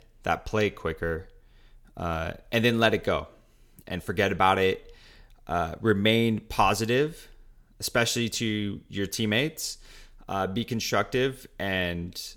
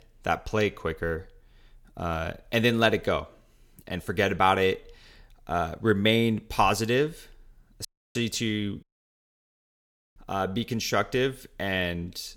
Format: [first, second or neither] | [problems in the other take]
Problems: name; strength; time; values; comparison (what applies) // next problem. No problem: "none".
first | audio cutting out; at 8 s and at 9 s for 1.5 s